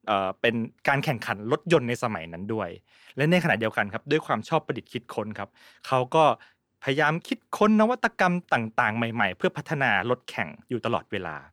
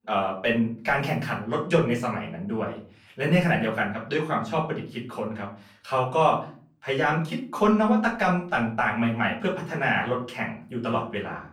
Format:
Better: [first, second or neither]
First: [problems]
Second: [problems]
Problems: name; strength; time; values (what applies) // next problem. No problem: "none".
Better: first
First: none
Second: off-mic speech; far // room echo; slight; dies away in 0.4 s